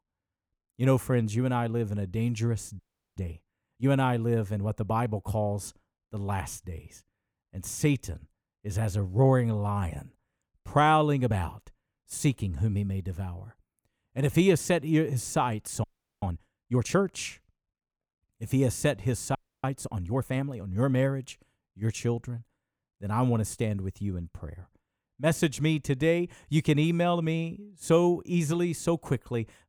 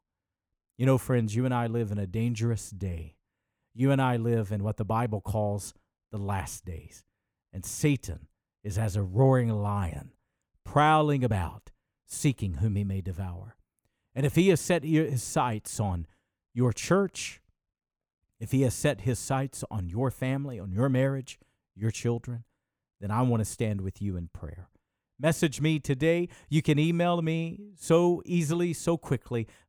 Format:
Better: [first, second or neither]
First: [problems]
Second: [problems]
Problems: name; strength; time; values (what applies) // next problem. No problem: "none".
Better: second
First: audio freezing; at 3 s, at 16 s and at 19 s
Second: none